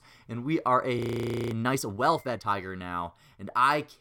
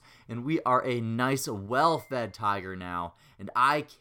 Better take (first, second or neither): second